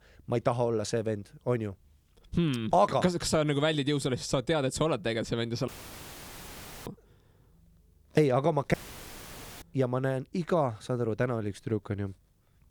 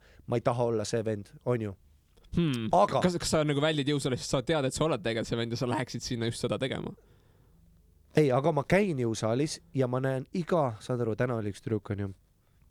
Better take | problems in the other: second | audio cutting out; filled with static; at 5.5 s for 1 s and at 8.5 s for 1 s

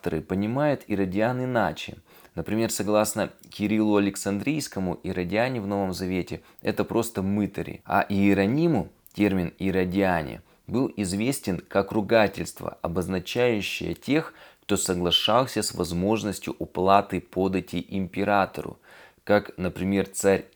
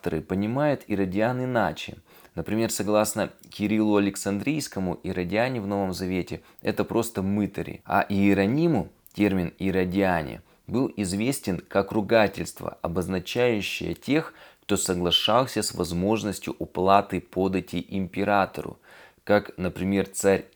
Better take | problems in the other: neither | none

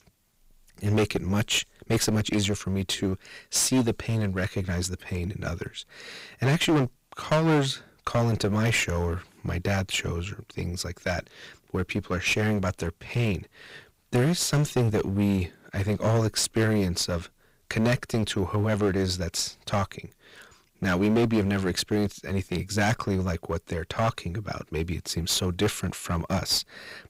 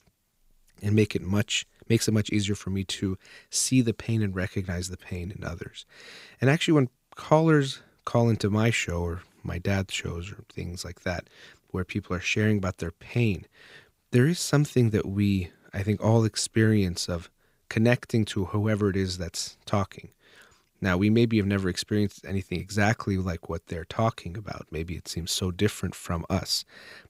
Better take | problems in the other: second | distortion; heavy; 9% of the sound clipped

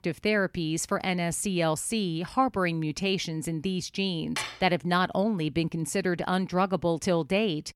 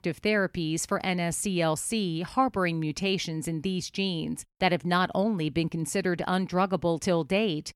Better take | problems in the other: second | clattering dishes; noticeable; at 4.5 s; peak 6 dB below the speech

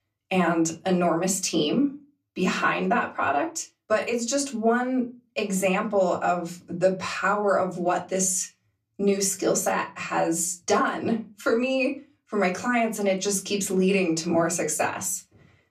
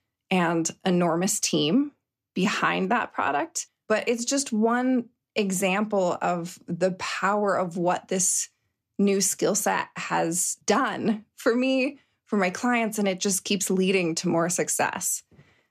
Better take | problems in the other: second | off-mic speech; far // room echo; very slight; dies away in 0.2 s

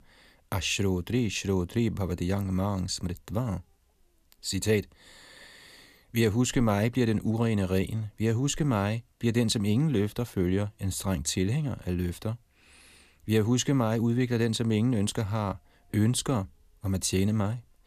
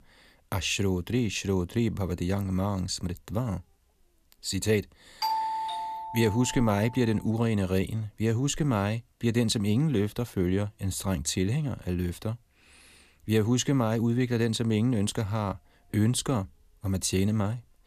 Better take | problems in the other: first | doorbell; noticeable; from 5 to 7 s; peak 1 dB below the speech

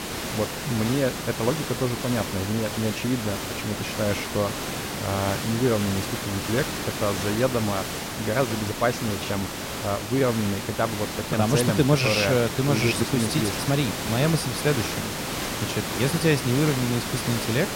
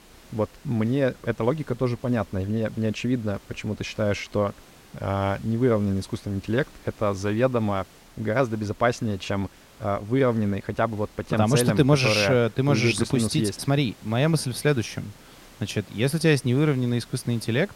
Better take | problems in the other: second | hiss; loud; throughout; 4 dB below the speech; faint in the second

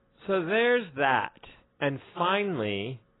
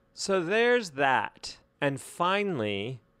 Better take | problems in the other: second | garbled, watery; badly; nothing above 4 kHz

